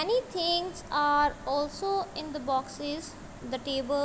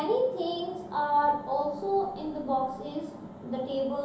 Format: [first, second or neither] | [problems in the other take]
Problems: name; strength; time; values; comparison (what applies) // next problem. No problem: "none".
first | room echo; dies away in 0.8 s